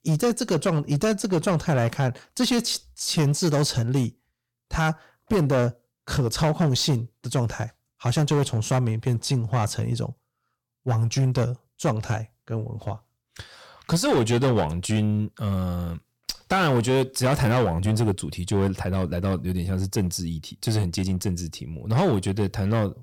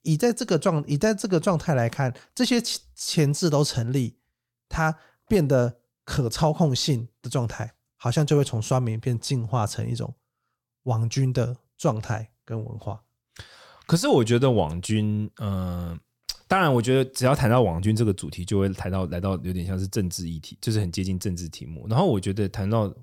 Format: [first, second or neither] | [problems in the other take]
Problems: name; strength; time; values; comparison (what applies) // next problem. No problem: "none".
second | distortion; slight; 9% of the sound clipped